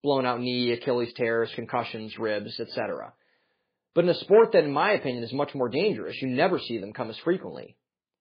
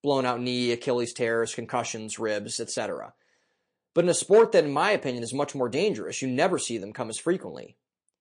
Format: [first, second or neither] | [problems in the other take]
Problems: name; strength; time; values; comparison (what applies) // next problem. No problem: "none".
second | garbled, watery; badly; nothing above 4.5 kHz; slightly in the second